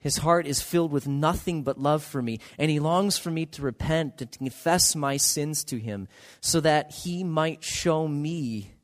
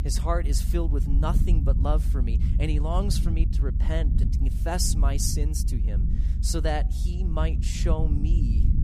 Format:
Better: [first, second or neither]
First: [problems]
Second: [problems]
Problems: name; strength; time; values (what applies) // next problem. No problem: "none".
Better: first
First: none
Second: low rumble; loud; throughout; 9 dB below the speech